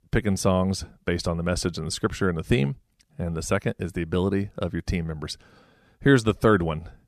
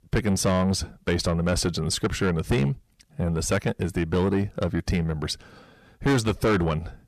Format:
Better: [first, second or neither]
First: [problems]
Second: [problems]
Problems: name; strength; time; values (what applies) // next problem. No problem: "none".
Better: first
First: none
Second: distortion; heavy; 7 dB below the speech